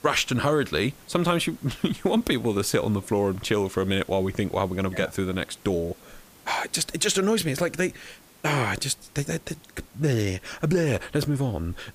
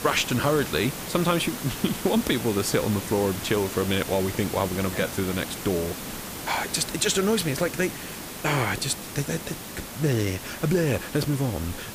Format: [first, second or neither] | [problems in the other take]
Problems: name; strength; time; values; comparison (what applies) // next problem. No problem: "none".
first | hiss; loud; throughout; 8 dB below the speech; faint in the first